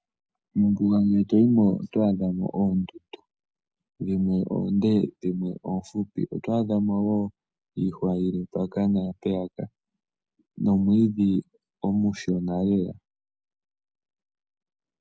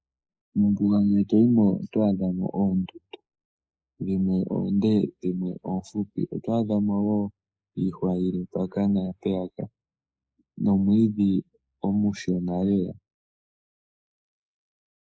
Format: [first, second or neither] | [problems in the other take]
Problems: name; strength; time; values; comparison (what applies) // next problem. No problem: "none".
first | noise reduction (neural mask model Resemble Enhance denoiser)